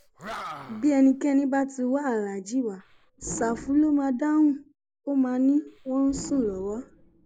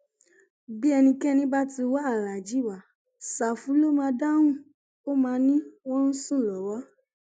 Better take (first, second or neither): second